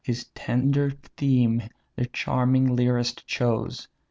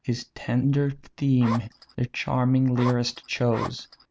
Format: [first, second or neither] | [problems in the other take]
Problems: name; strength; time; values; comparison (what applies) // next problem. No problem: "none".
first | noise reduction (neural mask model Resemble Enhance denoiser)